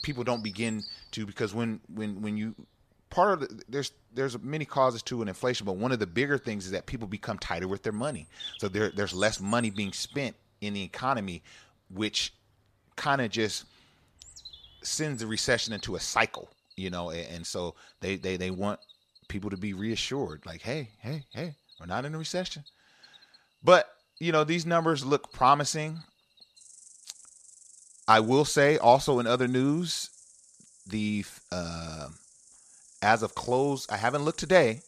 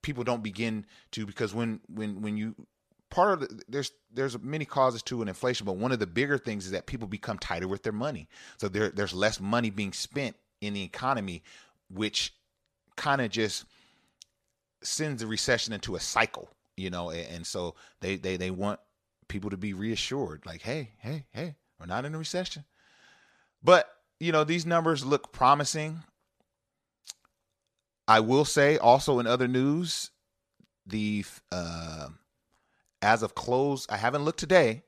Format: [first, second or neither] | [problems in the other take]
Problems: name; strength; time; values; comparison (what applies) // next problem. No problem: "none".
second | animal sounds; faint; throughout; 20 dB below the speech